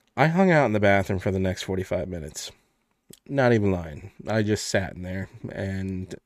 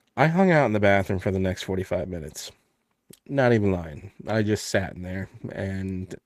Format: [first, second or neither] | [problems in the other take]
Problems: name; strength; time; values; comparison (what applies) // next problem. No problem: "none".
first | garbled, watery; slightly; nothing above 14.5 kHz